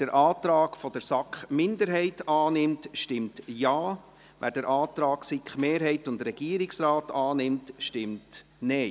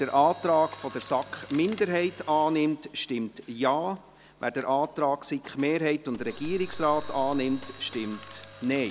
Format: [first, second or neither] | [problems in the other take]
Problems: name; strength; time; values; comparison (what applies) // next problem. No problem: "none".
first | background sound (Mechanisms + Gunshot, gunfire); 17 dB below the speech